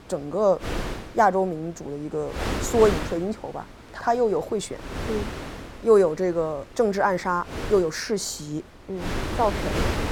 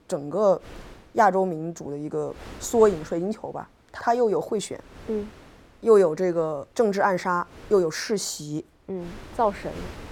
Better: second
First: wind noise on the microphone; heavy; 8 dB below the speech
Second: wind noise on the microphone; occasional gusts; 20 dB below the speech

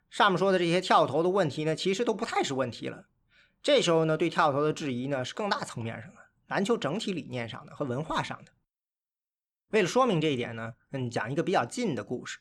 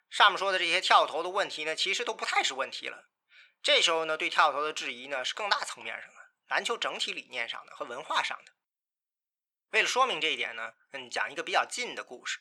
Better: first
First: none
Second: thin; very; fading below 800 Hz

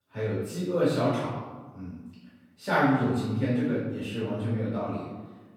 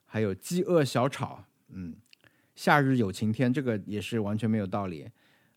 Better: second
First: off-mic speech; far // room echo; strong; dies away in 1.1 s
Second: none

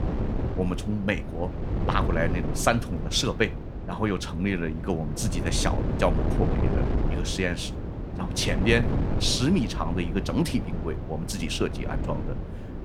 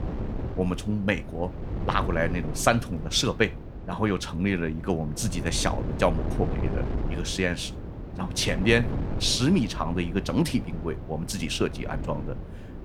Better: second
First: wind noise on the microphone; heavy; 8 dB below the speech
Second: wind noise on the microphone; occasional gusts; 15 dB below the speech

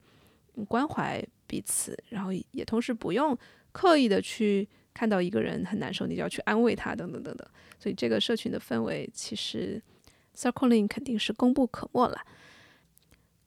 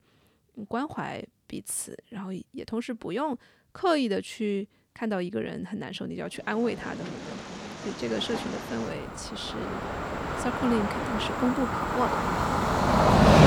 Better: first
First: none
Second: train or aircraft noise; very loud; from 7 s on; 4 dB above the speech

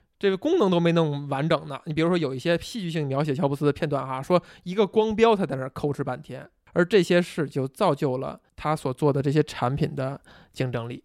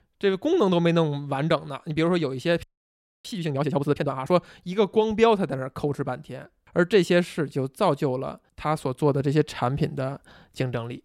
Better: first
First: none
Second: audio freezing; at 2.5 s for 0.5 s

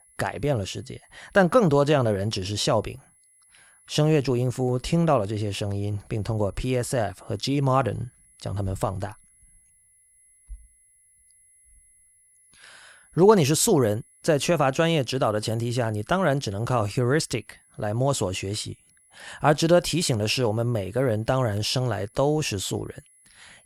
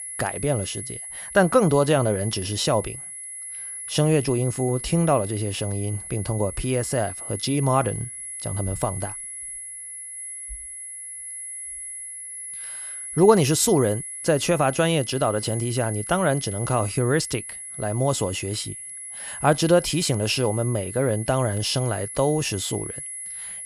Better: first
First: high-pitched whine; faint; throughout; 10.5 kHz, 30 dB below the speech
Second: high-pitched whine; loud; throughout; 10.5 kHz, 9 dB below the speech

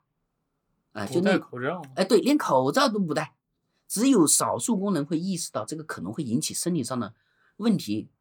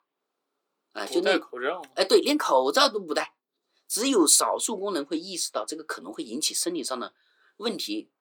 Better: first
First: none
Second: thin; somewhat; fading below 350 Hz

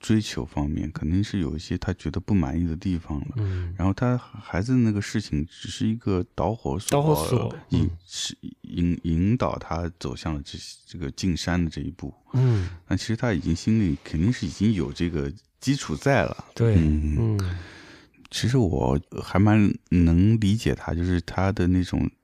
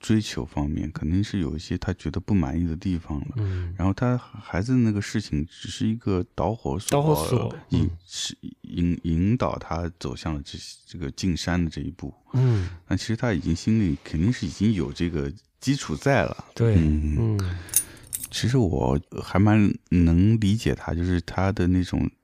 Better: first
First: none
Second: jangling keys; loud; at 18 s; peak 1 dB above the speech

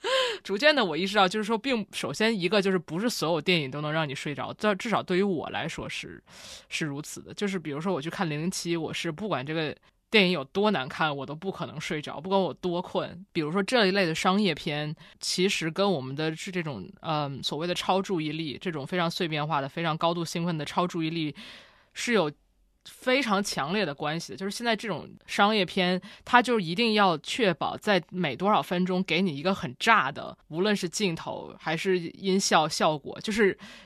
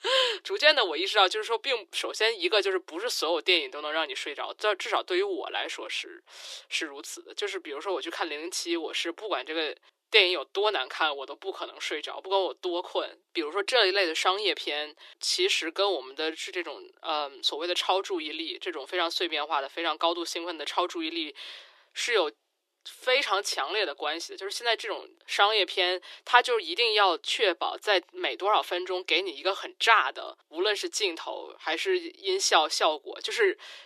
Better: first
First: none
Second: thin; very; fading below 350 Hz

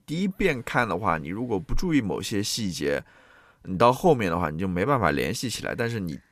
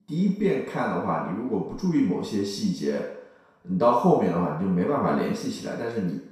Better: first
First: none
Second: room echo; noticeable; dies away in 0.7 s // off-mic speech; far

